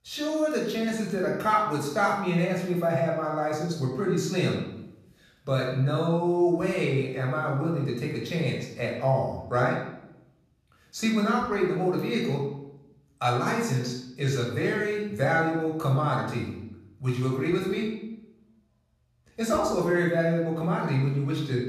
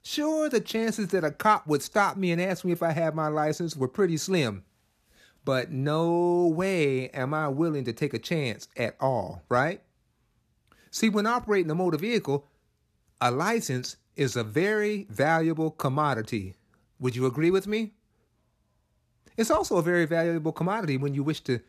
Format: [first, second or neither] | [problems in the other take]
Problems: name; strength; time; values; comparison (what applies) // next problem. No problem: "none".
second | off-mic speech; far // room echo; noticeable; dies away in 0.7 s